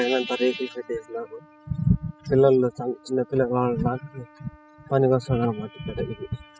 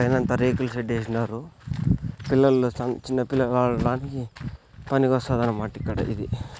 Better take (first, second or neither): second